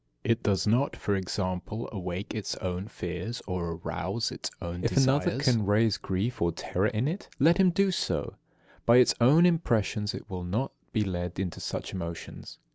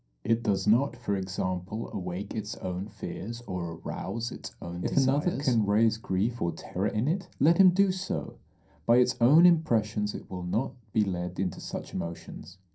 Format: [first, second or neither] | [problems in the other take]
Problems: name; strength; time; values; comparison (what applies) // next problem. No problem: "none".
first | room echo; dies away in 0.3 s